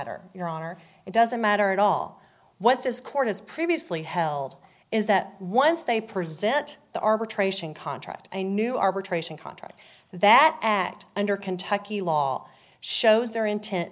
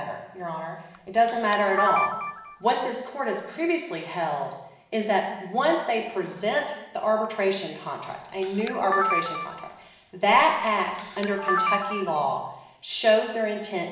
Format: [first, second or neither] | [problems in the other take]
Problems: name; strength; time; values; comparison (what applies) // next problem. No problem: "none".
first | background sound (Camera); 5 dB below the speech // room echo; dies away in 0.9 s